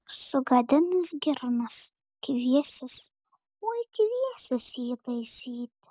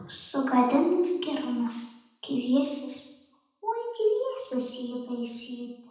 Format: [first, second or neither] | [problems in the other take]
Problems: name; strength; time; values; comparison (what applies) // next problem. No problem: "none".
first | room echo; dies away in 0.9 s